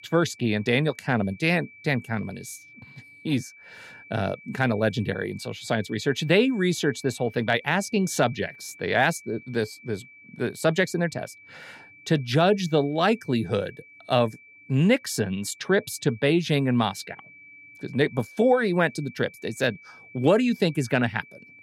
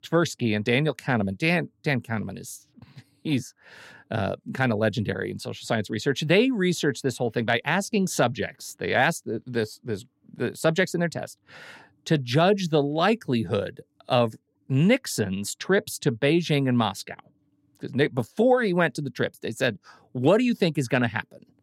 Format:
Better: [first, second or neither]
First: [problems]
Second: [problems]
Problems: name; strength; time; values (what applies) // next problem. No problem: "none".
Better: second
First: high-pitched whine; faint; throughout; 2.5 kHz, 20 dB below the speech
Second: none